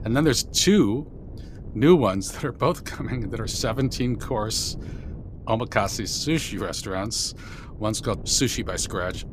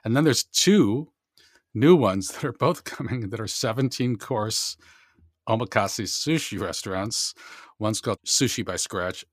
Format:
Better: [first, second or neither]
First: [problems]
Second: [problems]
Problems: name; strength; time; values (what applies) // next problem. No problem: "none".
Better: second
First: wind noise on the microphone; occasional gusts; 20 dB below the speech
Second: none